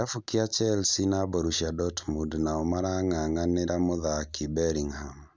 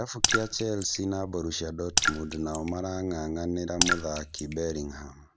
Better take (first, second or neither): first